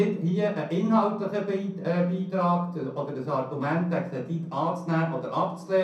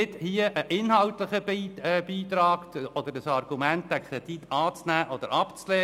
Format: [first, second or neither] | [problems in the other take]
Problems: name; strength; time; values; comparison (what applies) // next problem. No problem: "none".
second | room echo; dies away in 0.6 s